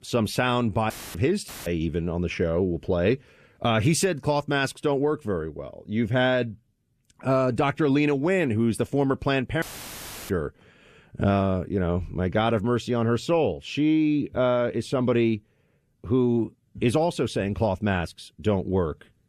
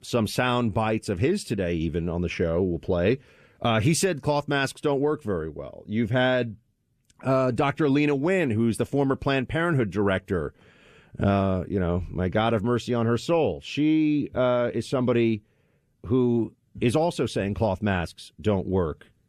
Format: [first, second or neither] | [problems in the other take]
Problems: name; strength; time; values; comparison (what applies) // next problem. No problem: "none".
second | audio cutting out; filled with static; at 1 s, at 1.5 s and at 9.5 s for 0.5 s